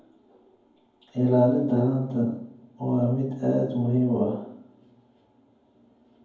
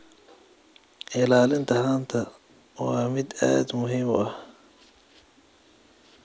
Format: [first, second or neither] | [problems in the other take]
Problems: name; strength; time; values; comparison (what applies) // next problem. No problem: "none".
second | background sound (Brass instrument); 15 dB below the speech // room echo; dies away in 0.9 s